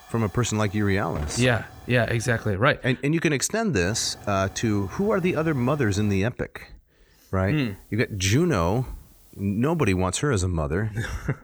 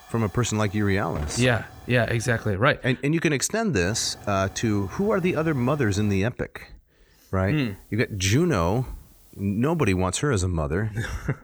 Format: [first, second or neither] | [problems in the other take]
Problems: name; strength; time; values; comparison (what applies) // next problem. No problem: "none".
neither | hiss; faint; until 2.5 s, from 4 to 6 s and from 7.5 to 10 s; 20 dB below the speech; the same in both